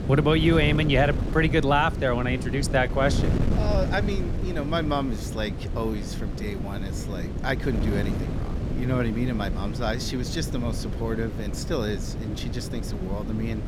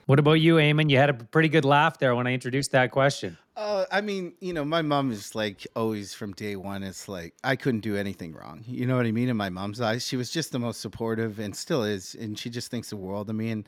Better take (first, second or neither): second